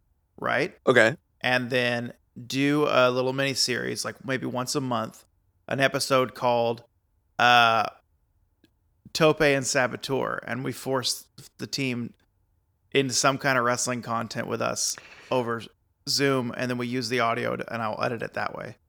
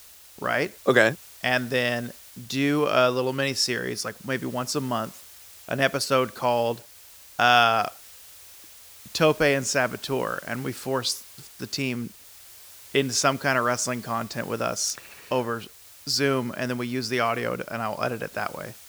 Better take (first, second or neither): first